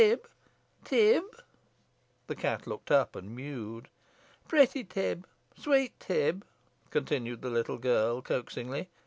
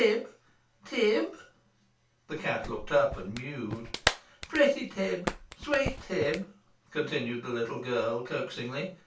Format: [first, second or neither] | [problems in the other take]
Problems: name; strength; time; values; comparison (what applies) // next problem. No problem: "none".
first | background sound (Clapping); 6 dB below the speech // room echo; dies away in 0.3 s